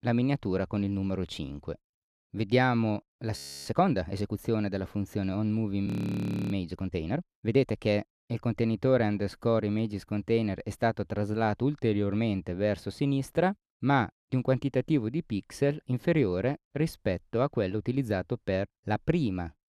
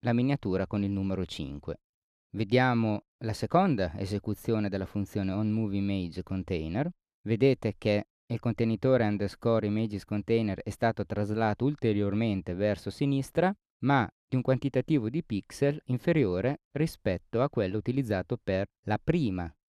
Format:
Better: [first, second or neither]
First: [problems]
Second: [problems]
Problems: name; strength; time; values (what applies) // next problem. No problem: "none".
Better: second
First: audio freezing; at 3.5 s and at 6 s for 0.5 s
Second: none